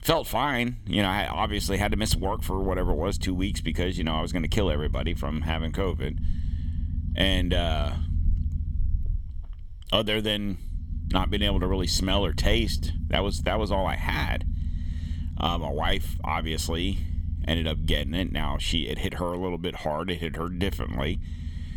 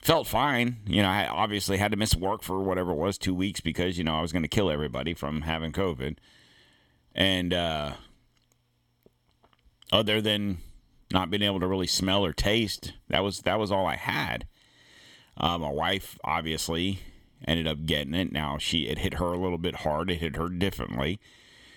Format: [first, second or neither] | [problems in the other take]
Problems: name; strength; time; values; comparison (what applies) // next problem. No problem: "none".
second | low rumble; noticeable; throughout; 20 dB below the speech